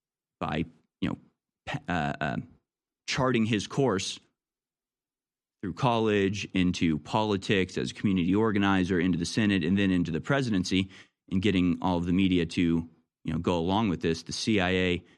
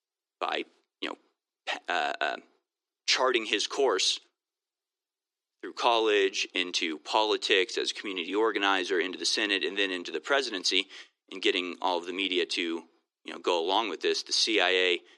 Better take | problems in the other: first | thin; very; fading below 350 Hz

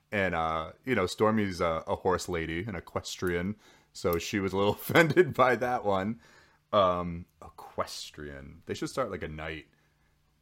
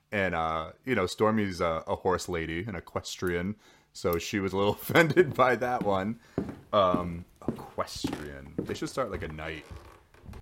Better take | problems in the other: first | footsteps; noticeable; from 5 s on; peak 7 dB below the speech

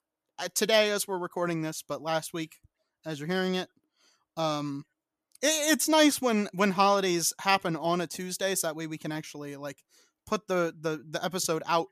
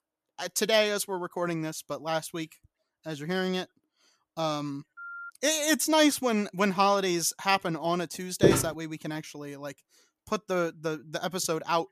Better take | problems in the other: first | phone ringing; faint; at 5 s; peak 10 dB below the speech // footsteps; loud; at 8.5 s; peak 4 dB above the speech

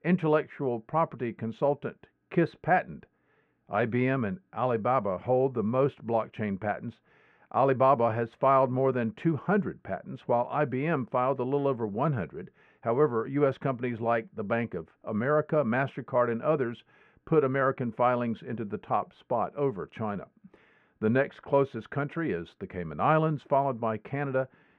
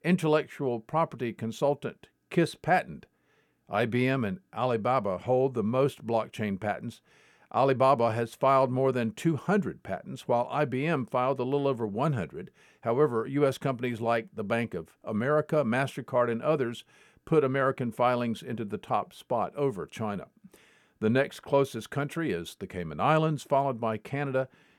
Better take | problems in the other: second | muffled; very; fading above 2 kHz

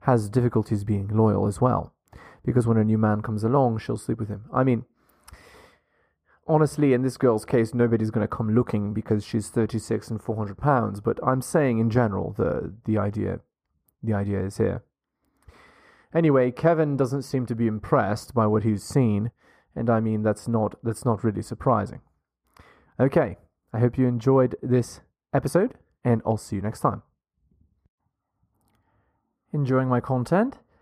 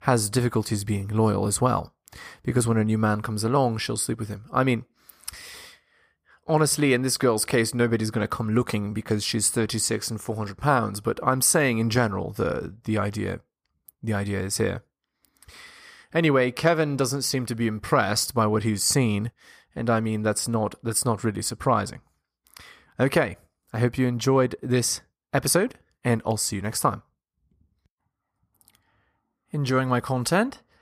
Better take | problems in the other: second | muffled; very; fading above 2 kHz

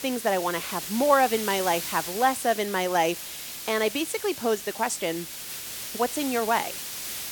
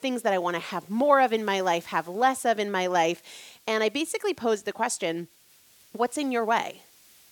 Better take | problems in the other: second | hiss; loud; throughout; 7 dB below the speech; faint in the second

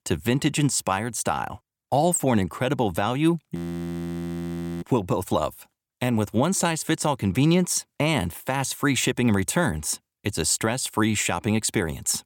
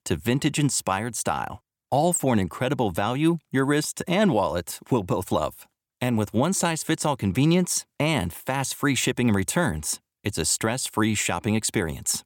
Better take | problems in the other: second | audio freezing; at 3.5 s for 1.5 s

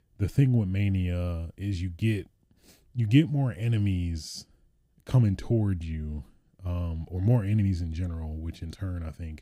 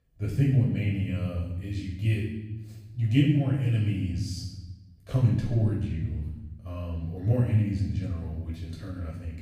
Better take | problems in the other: first | off-mic speech; far // room echo; noticeable; dies away in 0.9 s

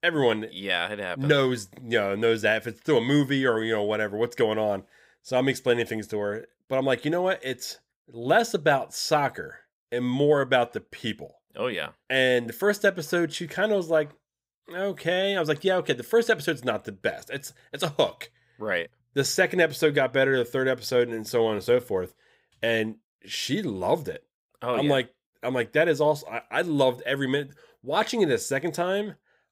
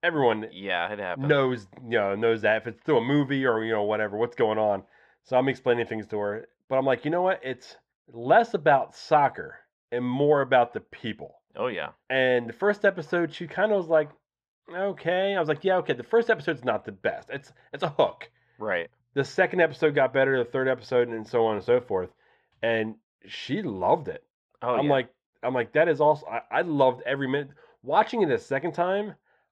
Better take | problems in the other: first | muffled; very; fading above 3 kHz

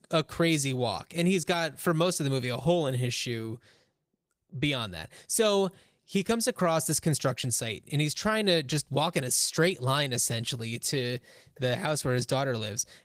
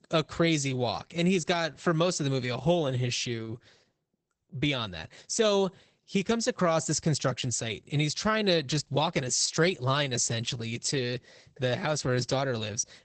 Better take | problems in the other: first | garbled, watery; badly; nothing above 8 kHz; slightly in the first

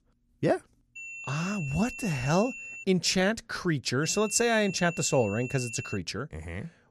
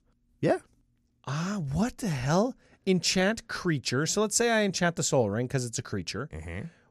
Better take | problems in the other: second | high-pitched whine; noticeable; from 1 to 3 s and from 4 to 6 s; 2.5 kHz, 10 dB below the speech

